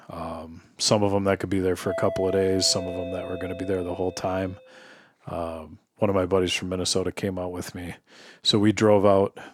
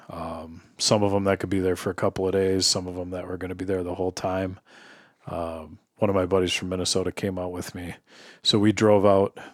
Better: second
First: doorbell; noticeable; from 2 to 4.5 s; peak 6 dB below the speech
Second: none

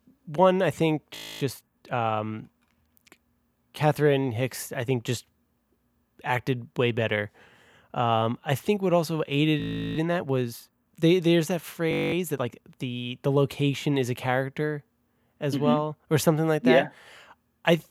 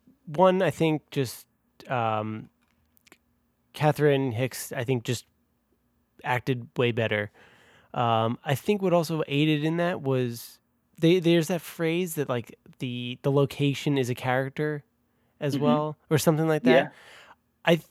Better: second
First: audio freezing; at 1 s, at 9.5 s and at 12 s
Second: none

